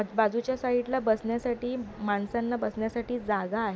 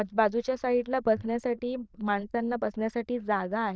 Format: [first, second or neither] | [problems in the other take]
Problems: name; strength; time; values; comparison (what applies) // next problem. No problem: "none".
first | noise reduction (neural diffusion model UNIVERSE++)